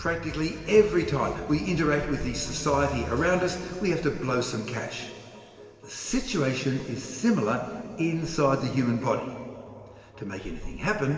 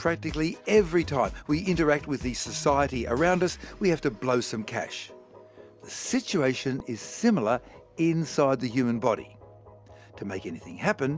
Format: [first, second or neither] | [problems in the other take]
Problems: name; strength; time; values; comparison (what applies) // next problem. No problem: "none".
second | background sound (Breathing); 18 dB below the speech // room echo; dies away in 2.6 s